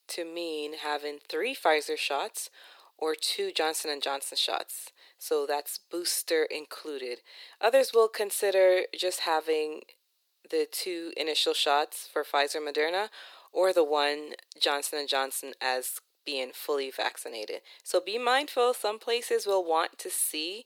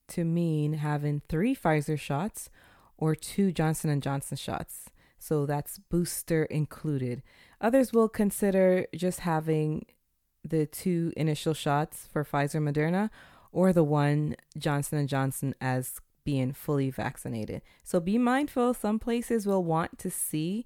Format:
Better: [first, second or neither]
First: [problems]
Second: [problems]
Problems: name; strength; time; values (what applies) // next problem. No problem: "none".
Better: second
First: thin; very; fading below 400 Hz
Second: none